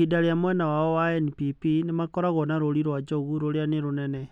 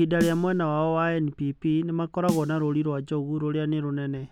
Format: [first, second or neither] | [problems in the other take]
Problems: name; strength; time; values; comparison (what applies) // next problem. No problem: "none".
first | background sound (Snare drum); 12 dB below the speech